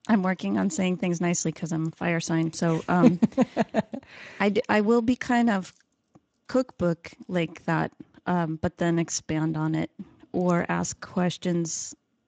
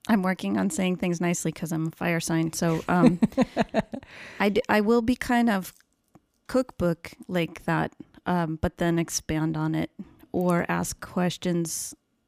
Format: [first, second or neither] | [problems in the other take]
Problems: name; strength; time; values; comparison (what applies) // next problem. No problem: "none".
second | garbled, watery; slightly; nothing above 7.5 kHz